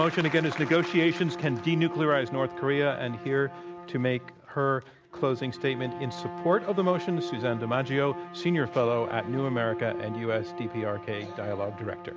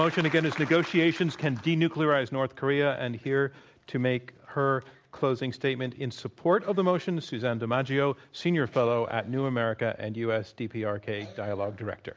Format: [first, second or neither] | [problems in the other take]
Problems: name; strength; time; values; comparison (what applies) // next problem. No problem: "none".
second | background sound (Bowed string instrument); 11 dB below the speech